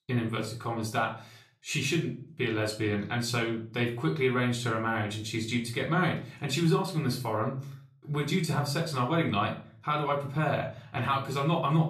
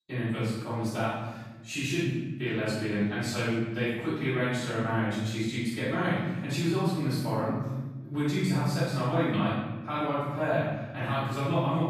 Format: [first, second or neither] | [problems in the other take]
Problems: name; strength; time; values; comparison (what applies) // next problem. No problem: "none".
first | room echo; strong; dies away in 1.4 s; slight in the first // off-mic speech; far; far in the first